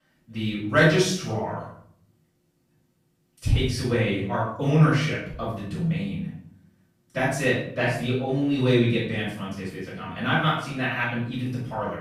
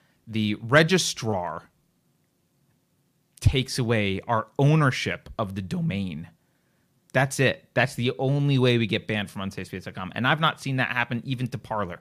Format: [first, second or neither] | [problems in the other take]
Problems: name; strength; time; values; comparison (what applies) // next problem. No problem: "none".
second | off-mic speech; far // room echo; noticeable; dies away in 0.5 s